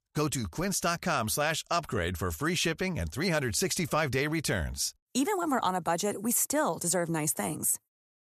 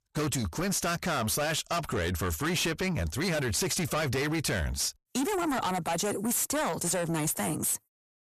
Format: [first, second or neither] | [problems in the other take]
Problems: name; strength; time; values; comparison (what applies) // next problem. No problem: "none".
first | distortion; heavy; 7 dB below the speech